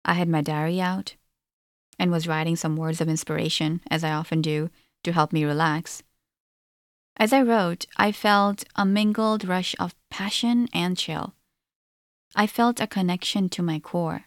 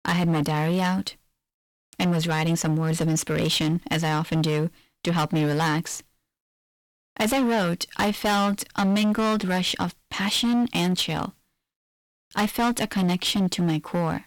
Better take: first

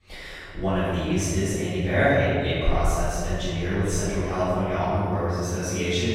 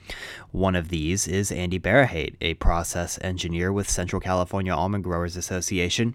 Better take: second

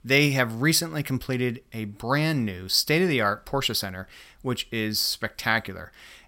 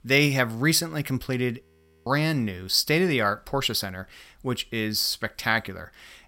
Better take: first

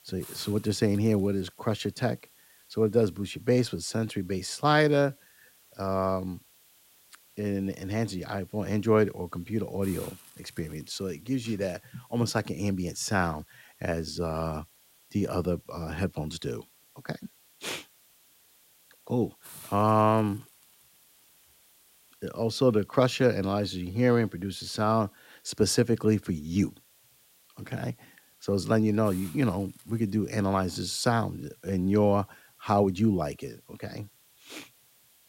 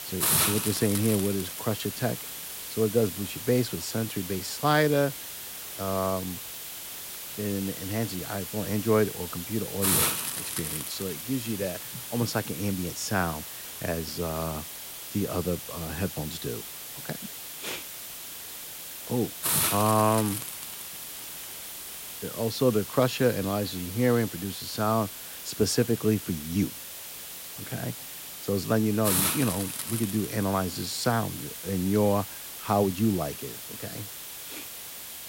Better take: first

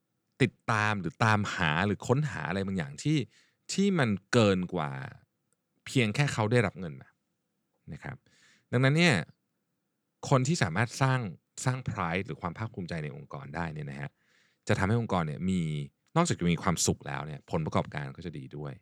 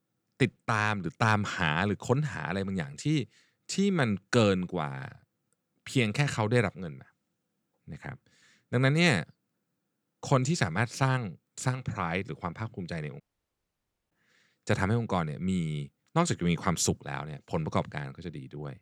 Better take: first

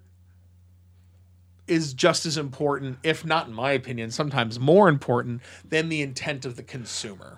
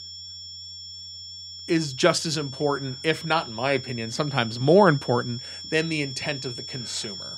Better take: first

